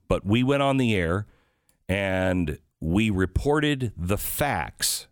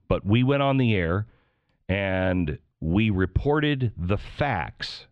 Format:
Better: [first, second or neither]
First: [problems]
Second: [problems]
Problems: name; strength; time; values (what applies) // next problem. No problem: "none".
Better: first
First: none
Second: muffled; slightly; fading above 4 kHz